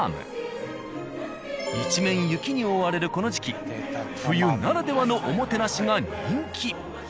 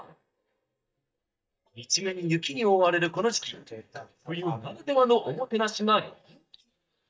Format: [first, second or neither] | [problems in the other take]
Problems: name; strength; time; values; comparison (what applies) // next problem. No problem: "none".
first | noise reduction (neural mask model DeepFilterNet 3)